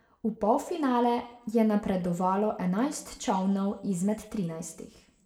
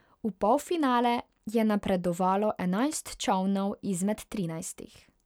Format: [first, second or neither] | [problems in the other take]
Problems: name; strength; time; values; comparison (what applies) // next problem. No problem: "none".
second | room echo; dies away in 0.6 s